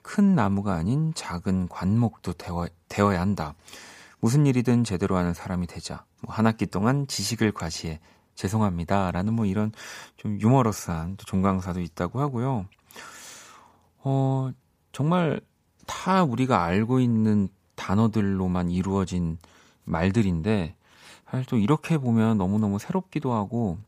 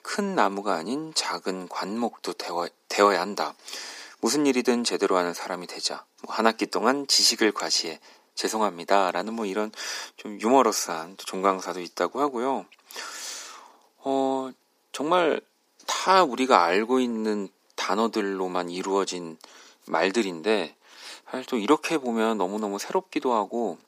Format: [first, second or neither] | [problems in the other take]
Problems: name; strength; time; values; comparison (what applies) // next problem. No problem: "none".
first | thin; somewhat; fading below 300 Hz